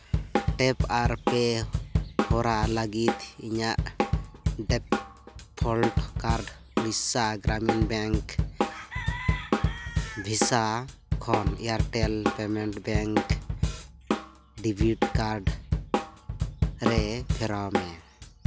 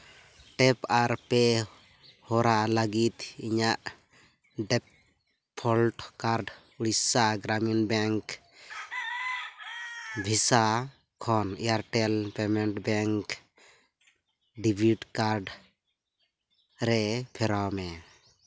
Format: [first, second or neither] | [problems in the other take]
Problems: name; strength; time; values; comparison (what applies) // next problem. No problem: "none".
second | background sound (Drum kit); 1 dB above the speech